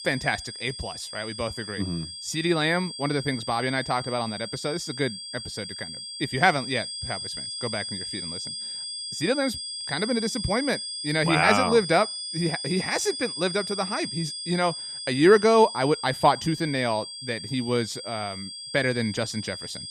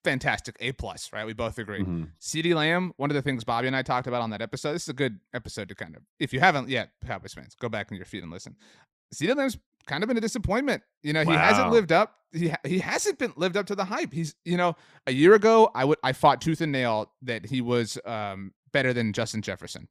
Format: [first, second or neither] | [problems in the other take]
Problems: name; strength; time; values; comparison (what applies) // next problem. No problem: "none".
second | high-pitched whine; loud; throughout; 5 kHz, 7 dB below the speech